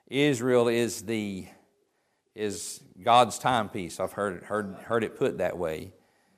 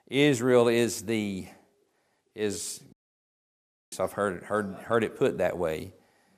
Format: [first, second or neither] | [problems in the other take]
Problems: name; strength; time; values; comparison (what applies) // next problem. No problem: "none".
first | audio cutting out; at 3 s for 1 s